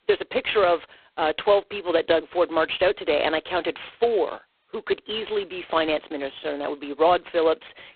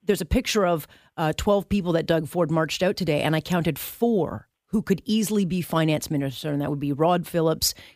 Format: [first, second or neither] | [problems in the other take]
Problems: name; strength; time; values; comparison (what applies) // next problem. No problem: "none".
second | phone-call audio; poor line; nothing above 4 kHz